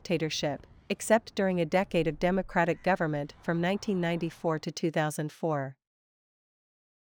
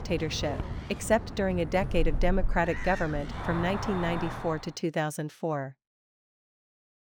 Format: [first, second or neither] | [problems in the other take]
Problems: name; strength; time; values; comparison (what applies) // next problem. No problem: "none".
first | animal sounds; loud; until 4.5 s; 6 dB below the speech; faint in the first